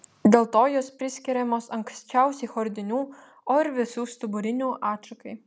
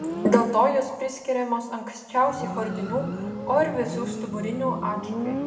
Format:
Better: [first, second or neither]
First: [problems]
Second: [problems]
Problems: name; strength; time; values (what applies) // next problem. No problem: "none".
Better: first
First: none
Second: background sound (Motorcycle); 7 dB below the speech // room echo; dies away in 1.2 s